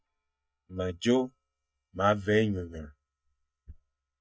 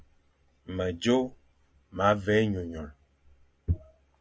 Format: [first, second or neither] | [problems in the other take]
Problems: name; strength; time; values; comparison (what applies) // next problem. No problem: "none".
second | noise reduction (neural mask model DeepFilterNet 3)